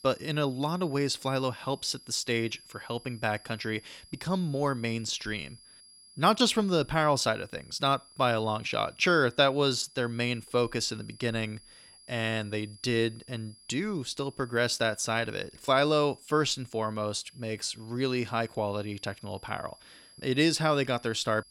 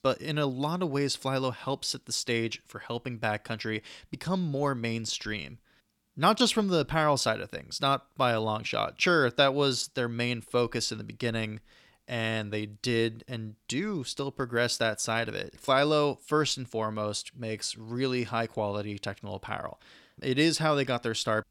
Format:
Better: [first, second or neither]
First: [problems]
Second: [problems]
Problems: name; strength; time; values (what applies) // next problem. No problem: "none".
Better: second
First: high-pitched whine; faint; throughout; 5 kHz, 25 dB below the speech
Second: none